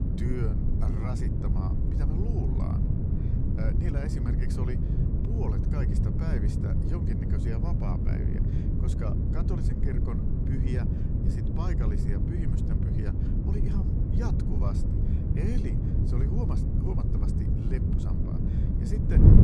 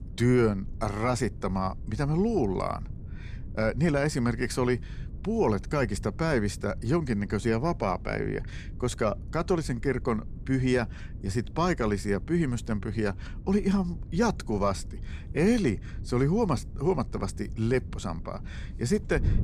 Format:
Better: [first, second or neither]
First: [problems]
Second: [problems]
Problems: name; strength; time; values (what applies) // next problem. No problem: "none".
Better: second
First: wind noise on the microphone; heavy; 3 dB above the speech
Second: wind noise on the microphone; occasional gusts; 25 dB below the speech